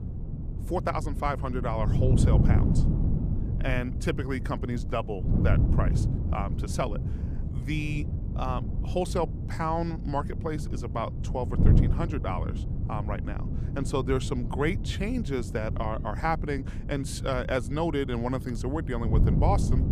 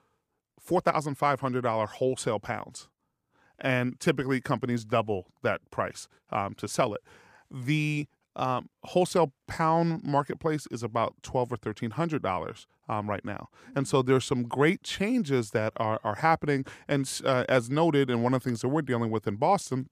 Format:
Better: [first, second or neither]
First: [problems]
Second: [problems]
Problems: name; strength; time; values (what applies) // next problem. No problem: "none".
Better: second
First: wind noise on the microphone; heavy; 8 dB below the speech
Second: none